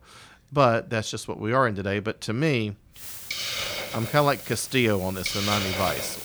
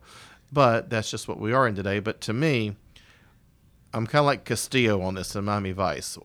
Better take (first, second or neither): second